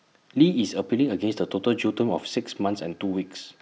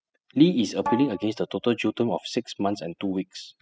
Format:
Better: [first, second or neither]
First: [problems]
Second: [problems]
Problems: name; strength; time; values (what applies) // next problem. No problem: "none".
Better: first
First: none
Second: noise reduction (classical method spectral subtraction)